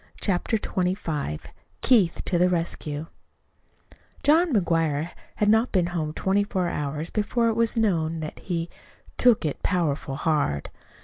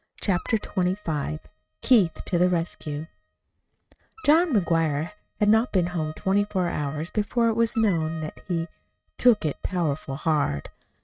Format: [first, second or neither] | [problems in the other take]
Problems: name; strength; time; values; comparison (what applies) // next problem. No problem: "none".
first | noise reduction (neural mask model RNNoise)